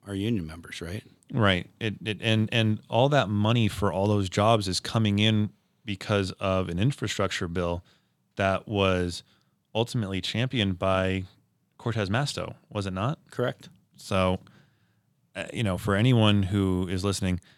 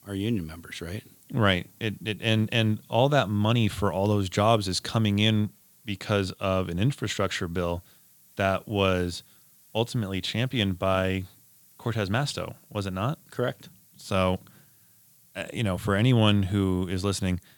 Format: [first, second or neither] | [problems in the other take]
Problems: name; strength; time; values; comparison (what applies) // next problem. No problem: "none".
first | hiss; faint; throughout; 30 dB below the speech